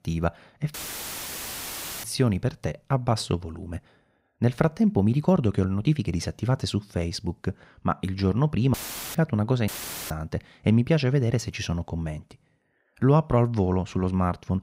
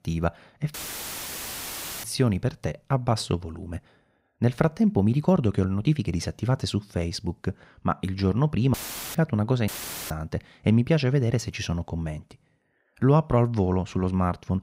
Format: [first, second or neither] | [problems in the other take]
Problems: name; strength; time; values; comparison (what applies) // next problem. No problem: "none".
neither | audio cutting out; filled with static; at 0.5 s for 1.5 s, at 8.5 s and at 9.5 s; the same in both